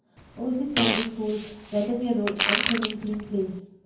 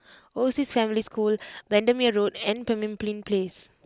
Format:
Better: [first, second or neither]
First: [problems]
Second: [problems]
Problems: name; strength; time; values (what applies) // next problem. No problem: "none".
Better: second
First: background sound (Fart); 2 dB below the speech // room echo; dies away in 0.9 s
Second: none